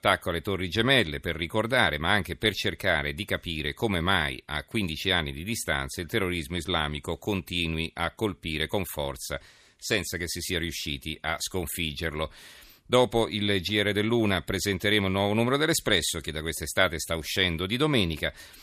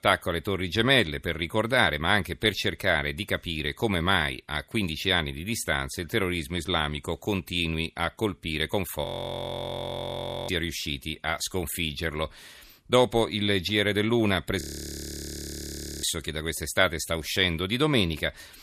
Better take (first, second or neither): first